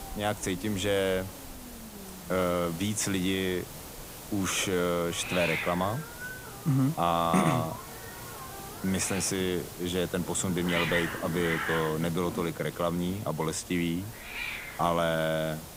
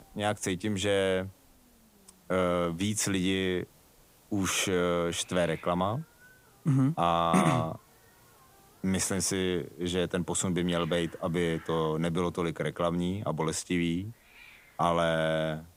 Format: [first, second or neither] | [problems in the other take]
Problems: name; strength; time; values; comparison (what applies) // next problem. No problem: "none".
second | hiss; loud; throughout; 8 dB below the speech; faint in the second